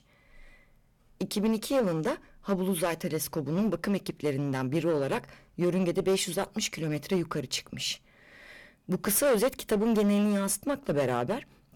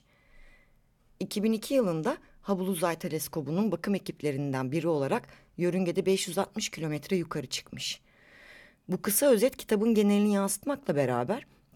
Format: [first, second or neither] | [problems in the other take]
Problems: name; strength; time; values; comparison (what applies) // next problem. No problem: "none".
second | distortion; slight; 7% of the sound clipped